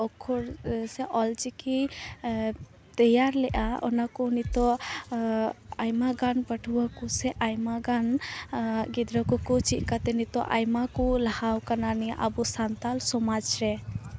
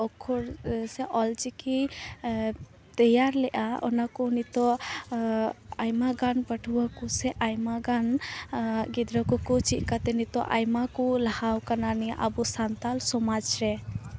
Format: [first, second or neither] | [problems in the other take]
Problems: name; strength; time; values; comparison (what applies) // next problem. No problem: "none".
second | background sound (Bass drum); 7 dB below the speech